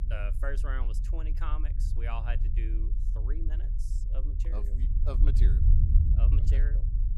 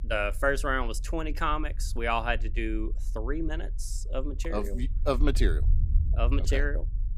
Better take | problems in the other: second | low rumble; loud; throughout; 4 dB below the speech; faint in the second

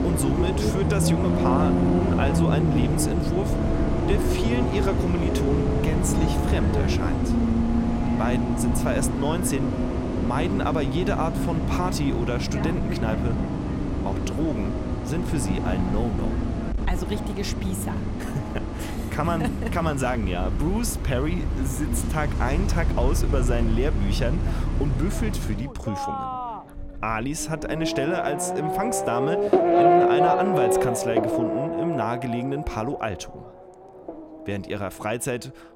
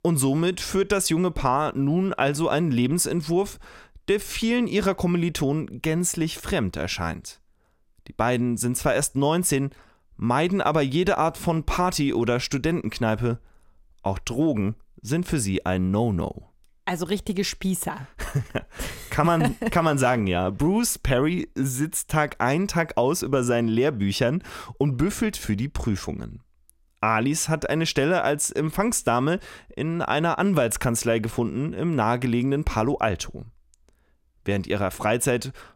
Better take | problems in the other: second | traffic noise; very loud; throughout; 4 dB above the speech

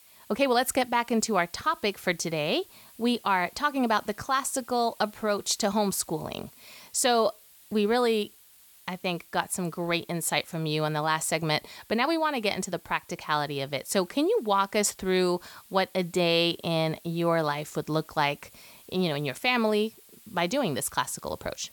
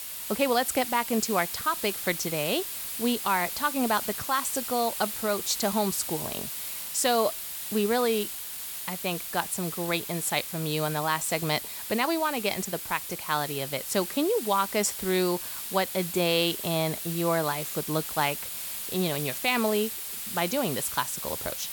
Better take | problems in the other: first | hiss; loud; throughout; 5 dB below the speech; faint in the first

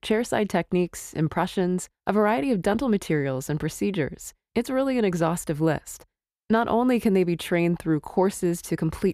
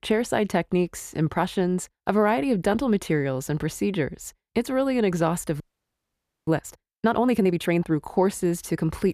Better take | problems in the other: first | audio freezing; at 5.5 s for 1 s

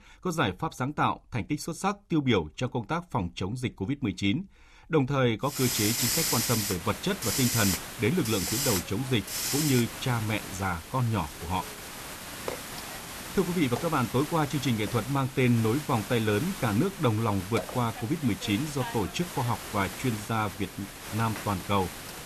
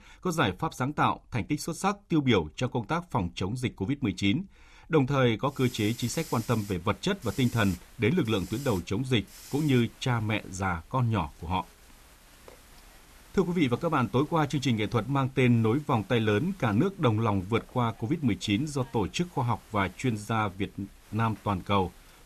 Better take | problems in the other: second | hiss; loud; from 5.5 s on; 4 dB below the speech; faint in the second

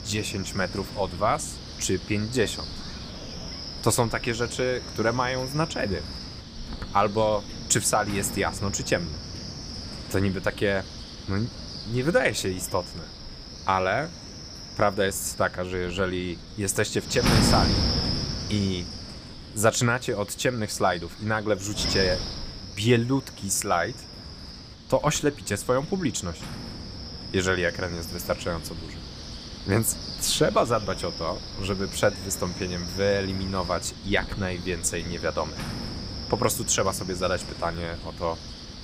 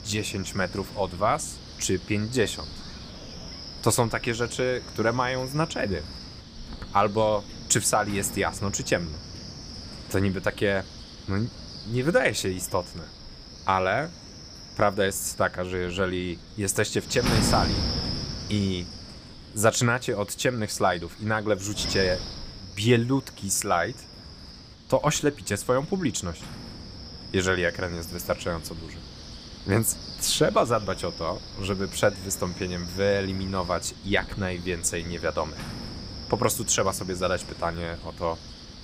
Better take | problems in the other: second | wind noise on the microphone; heavy; 9 dB below the speech; occasional gusts in the second

